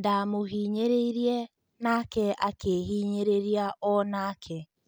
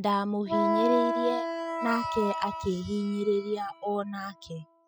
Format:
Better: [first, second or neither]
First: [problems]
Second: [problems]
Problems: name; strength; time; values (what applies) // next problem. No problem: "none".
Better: first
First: none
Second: noise reduction (classical method spectral subtraction)